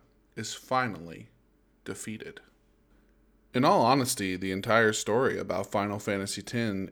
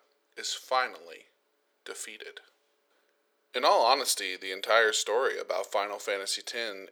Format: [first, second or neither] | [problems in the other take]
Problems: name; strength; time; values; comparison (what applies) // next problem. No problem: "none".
first | thin; very; fading below 500 Hz